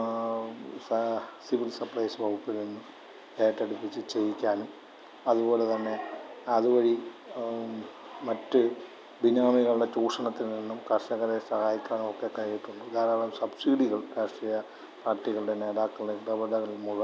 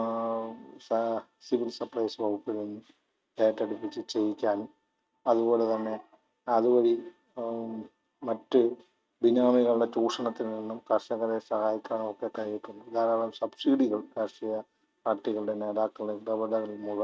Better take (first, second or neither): first